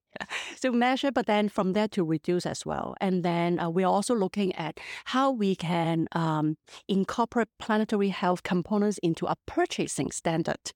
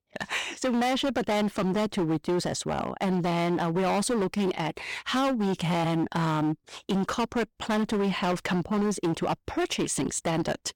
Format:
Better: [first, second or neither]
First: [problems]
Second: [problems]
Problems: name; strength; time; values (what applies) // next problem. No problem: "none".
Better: first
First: none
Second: distortion; heavy; 21% of the sound clipped